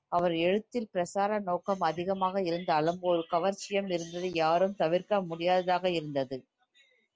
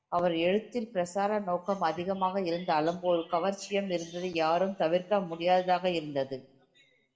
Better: first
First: none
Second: room echo; dies away in 0.7 s

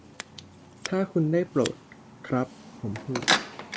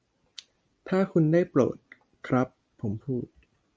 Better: second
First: background sound (Scissors); 4 dB below the speech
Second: none

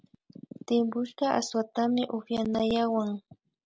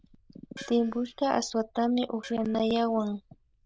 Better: first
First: none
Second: noise reduction (neural diffusion model UNIVERSE++)

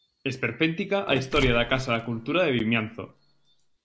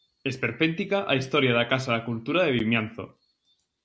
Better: second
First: background sound (Mechanisms); 11 dB below the speech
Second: none

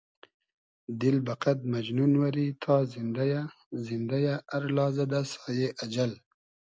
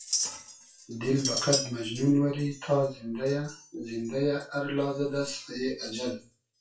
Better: first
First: none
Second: noise reduction (classical method WPE with log-MMSE)

